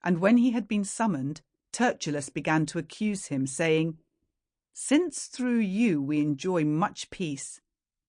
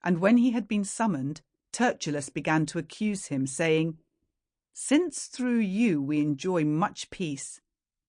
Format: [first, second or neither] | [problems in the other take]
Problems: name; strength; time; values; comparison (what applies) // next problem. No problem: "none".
neither | garbled, watery; slightly; nothing above 8.5 kHz; the same in both